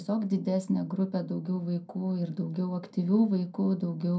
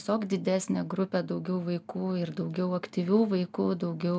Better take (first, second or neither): second